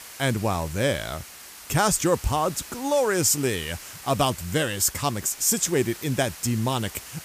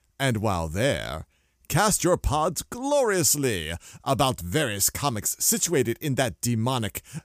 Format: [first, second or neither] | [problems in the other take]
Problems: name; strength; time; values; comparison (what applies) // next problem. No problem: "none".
second | hiss; noticeable; throughout; 15 dB below the speech